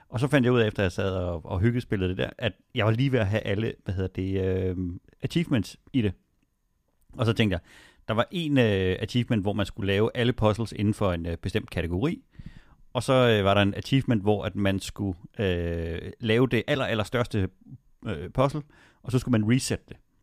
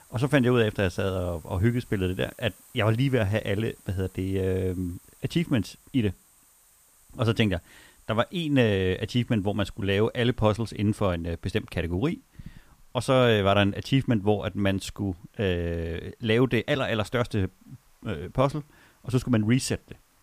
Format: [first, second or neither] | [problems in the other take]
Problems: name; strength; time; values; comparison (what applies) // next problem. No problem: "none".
first | hiss; faint; throughout; 30 dB below the speech